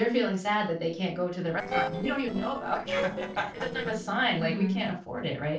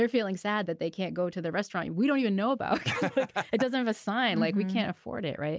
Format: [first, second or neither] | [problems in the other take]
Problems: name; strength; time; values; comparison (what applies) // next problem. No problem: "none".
second | noise reduction (neural separator model SepFormer DNS4)